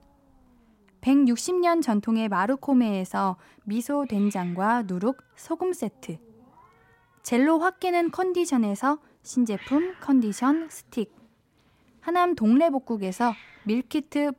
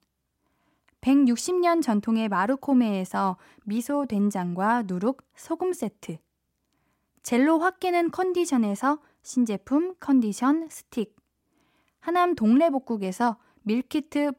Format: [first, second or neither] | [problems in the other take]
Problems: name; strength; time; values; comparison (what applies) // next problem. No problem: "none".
second | hiss; faint; throughout; 25 dB below the speech